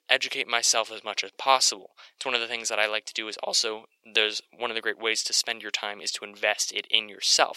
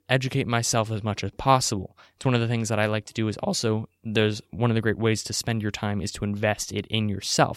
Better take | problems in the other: second | thin; very; fading below 450 Hz

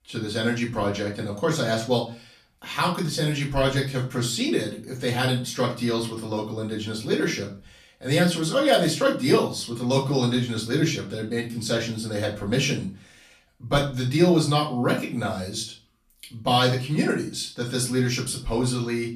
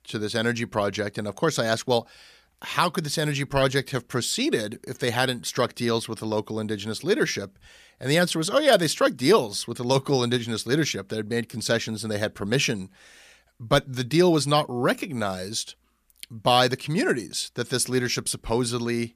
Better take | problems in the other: second | room echo; slight; dies away in 0.3 s // off-mic speech; far

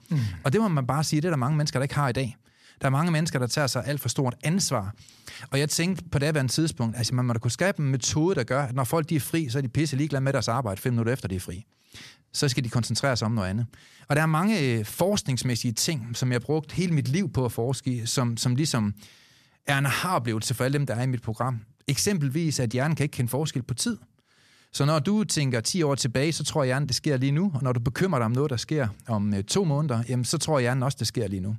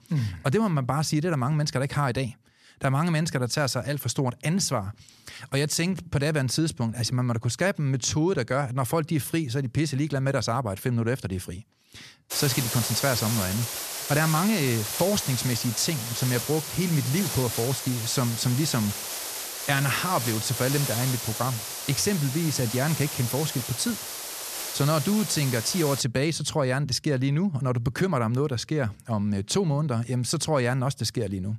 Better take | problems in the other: first | hiss; loud; from 12 to 26 s; 5 dB below the speech

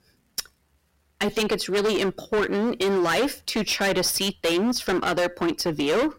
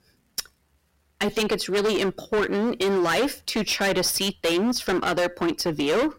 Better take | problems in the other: neither | distortion; heavy; 20% of the sound clipped; the same in both

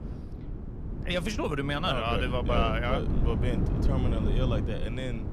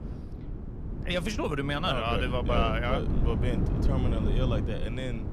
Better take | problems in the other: neither | wind noise on the microphone; heavy; 9 dB below the speech; the same in both

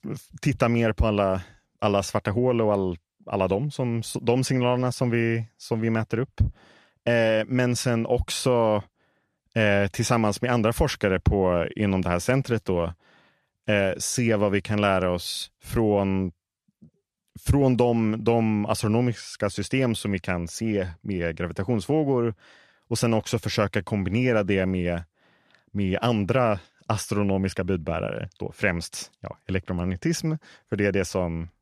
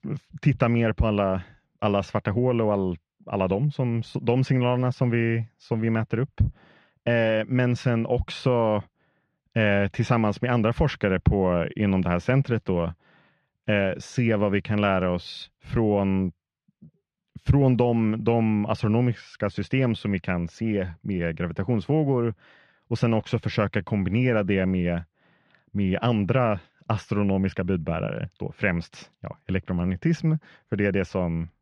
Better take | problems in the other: first | muffled; slightly; fading above 3 kHz

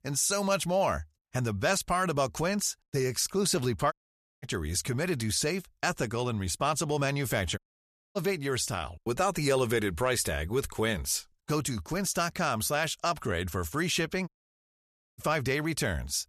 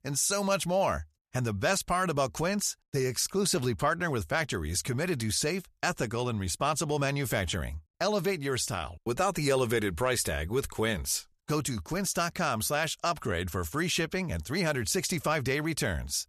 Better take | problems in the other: second | audio cutting out; at 4 s for 0.5 s, at 7.5 s for 0.5 s and at 14 s for 1 s

